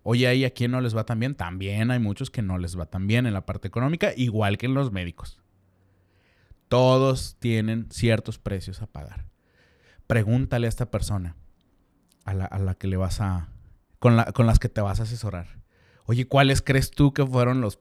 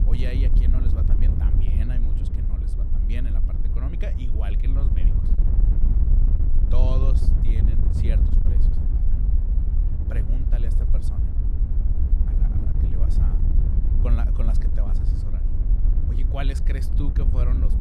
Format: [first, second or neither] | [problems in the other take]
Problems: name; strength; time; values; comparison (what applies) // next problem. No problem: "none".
first | wind noise on the microphone; heavy; 1 dB below the speech